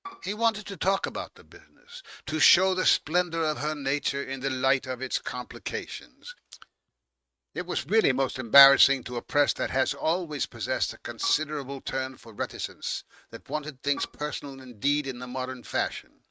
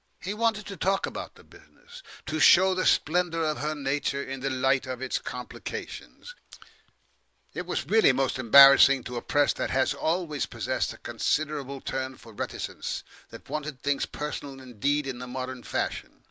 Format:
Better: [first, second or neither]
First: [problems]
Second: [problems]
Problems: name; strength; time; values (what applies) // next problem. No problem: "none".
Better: second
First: noise reduction (neural mask model RNNoise)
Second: none